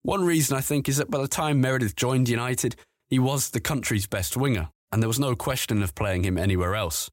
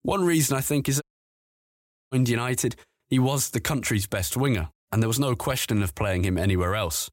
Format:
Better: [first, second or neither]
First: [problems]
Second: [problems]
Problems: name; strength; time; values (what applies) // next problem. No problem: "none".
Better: first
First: none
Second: audio cutting out; at 1 s for 1 s